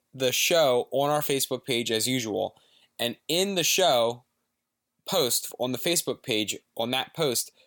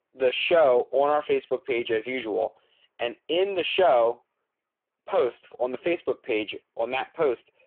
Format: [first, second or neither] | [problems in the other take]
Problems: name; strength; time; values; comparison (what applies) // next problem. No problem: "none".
first | phone-call audio; poor line